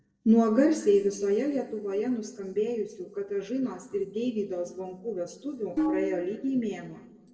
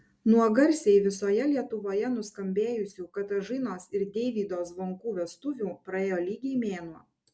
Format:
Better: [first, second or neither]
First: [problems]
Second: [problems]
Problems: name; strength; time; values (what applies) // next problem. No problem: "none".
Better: second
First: noise reduction (neural separator model SepFormer DNS4)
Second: none